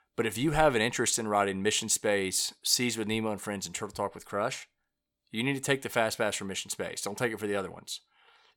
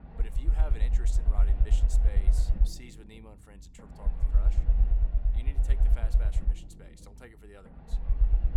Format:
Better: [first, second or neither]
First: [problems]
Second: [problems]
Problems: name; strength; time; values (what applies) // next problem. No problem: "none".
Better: first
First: none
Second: low rumble; loud; throughout; 1 dB below the speech